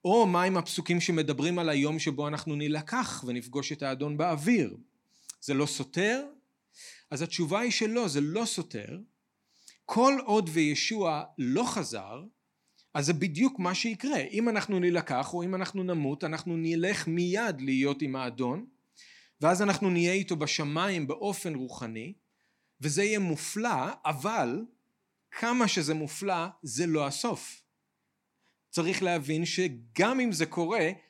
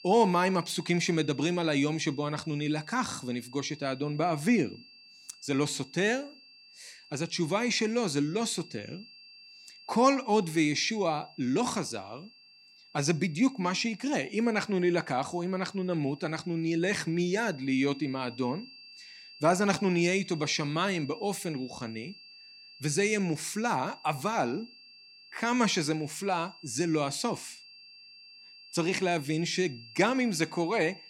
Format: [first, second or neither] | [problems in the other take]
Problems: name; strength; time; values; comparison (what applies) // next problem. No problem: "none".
first | high-pitched whine; faint; throughout; 4.5 kHz, 20 dB below the speech